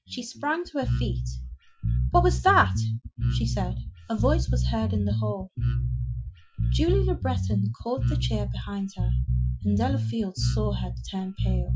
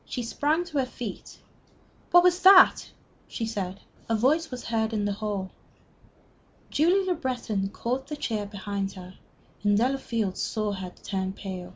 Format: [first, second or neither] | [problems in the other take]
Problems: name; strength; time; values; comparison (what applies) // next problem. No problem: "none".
second | noise reduction (classical method Wiener filter)